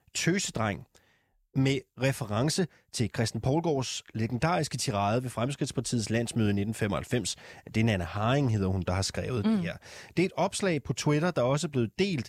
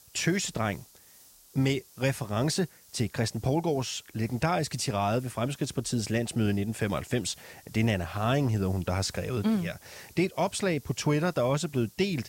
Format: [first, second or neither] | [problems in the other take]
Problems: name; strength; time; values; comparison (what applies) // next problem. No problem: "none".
first | hiss; faint; throughout; 25 dB below the speech